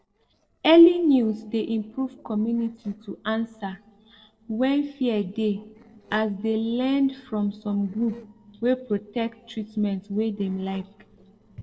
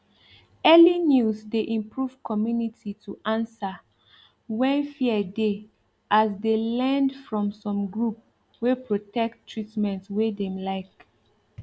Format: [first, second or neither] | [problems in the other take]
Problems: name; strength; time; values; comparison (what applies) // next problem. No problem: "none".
second | noise reduction (neural separator model SepFormer DNS4)